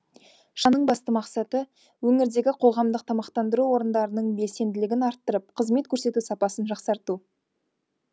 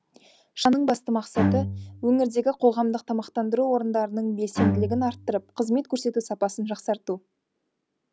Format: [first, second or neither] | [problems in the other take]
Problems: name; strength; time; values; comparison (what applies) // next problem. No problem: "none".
first | background sound (Bowed string instrument); 3 dB below the speech